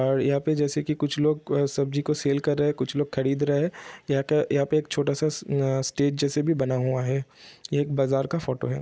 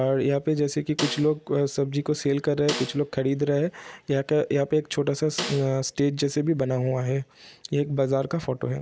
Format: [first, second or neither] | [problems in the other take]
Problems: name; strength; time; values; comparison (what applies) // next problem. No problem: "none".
first | background sound (Snare drum); 11 dB below the speech